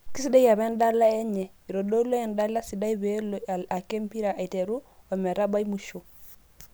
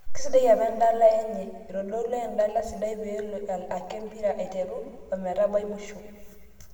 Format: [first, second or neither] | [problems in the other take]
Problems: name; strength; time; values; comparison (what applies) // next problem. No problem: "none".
first | room echo; dies away in 1.6 s